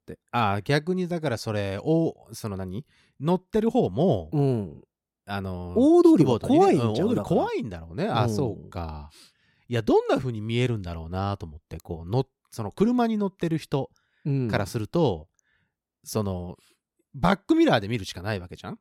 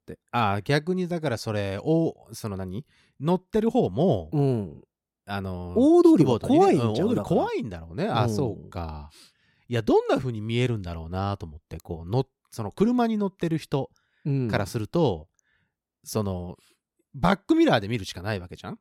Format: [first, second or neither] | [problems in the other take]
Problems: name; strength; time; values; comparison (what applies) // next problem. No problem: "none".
neither | none